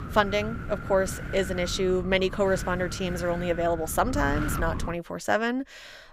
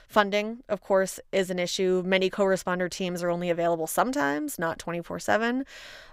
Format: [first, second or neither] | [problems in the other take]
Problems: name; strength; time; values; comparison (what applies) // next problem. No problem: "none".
second | wind noise on the microphone; occasional gusts; until 5 s; 10 dB below the speech